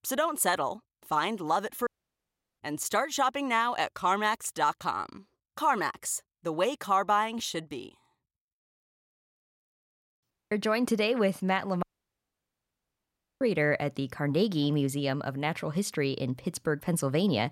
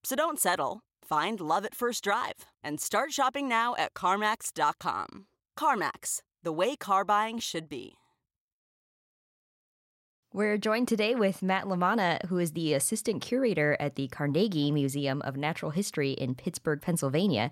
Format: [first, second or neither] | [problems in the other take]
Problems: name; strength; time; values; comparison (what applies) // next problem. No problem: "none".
second | audio cutting out; at 2 s for 0.5 s, at 10 s and at 12 s for 1.5 s